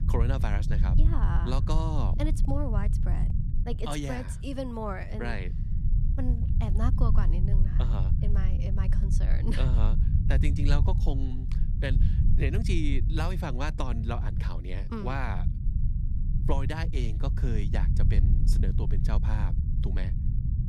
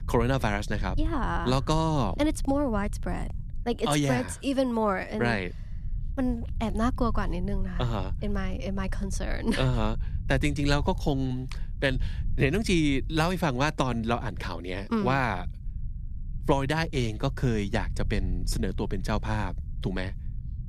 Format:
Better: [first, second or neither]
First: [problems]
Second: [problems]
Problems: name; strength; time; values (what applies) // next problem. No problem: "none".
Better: second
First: low rumble; loud; throughout; 6 dB below the speech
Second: low rumble; faint; throughout; 25 dB below the speech